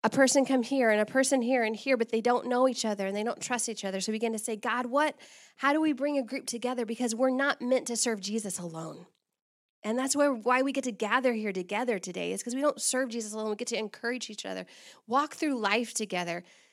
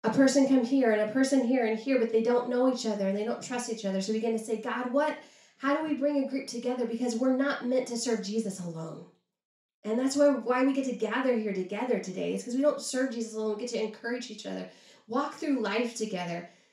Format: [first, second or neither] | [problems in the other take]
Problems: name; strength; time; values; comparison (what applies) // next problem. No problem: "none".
first | room echo; slight; dies away in 0.3 s // off-mic speech; far